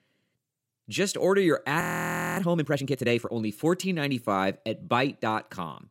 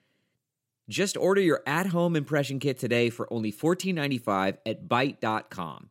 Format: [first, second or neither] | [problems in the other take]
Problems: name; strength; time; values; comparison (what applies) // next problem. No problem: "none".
second | audio freezing; at 2 s for 0.5 s